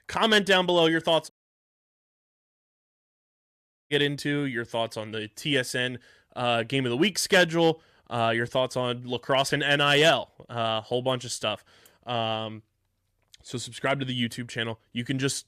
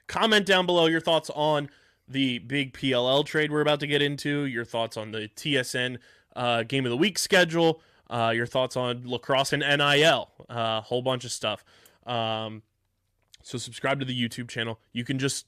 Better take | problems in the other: second | audio cutting out; at 1.5 s for 2.5 s

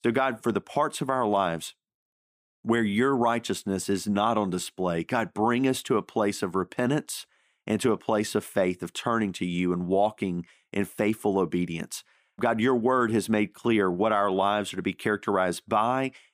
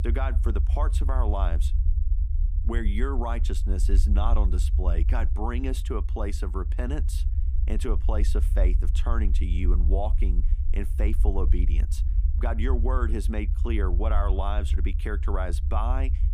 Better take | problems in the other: first | low rumble; noticeable; throughout; 10 dB below the speech

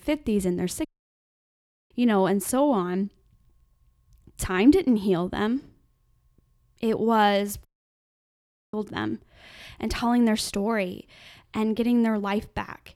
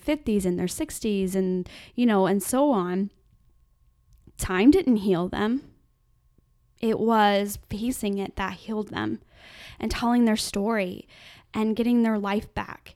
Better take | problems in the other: second | audio cutting out; at 1 s for 1 s and at 7.5 s for 1 s

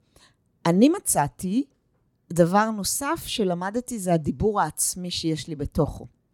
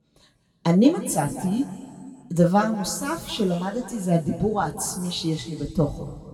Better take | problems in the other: first | room echo; slight; dies away in 1.8 s // off-mic speech; somewhat distant

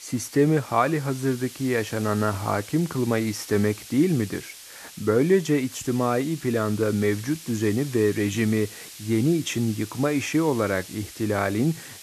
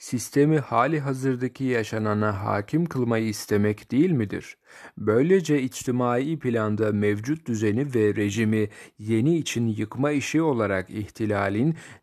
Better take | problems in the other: second | hiss; noticeable; throughout; 15 dB below the speech

